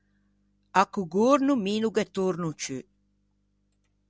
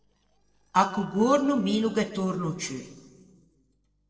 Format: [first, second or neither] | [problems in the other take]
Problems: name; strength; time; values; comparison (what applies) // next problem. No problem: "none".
first | noise reduction (neural separator model SepFormer DNS4)